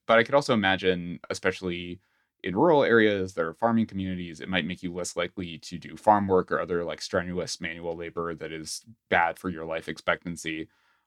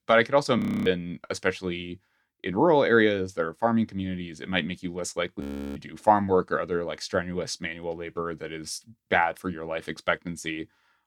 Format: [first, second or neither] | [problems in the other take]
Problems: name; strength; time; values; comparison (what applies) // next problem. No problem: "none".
first | audio freezing; at 0.5 s and at 5.5 s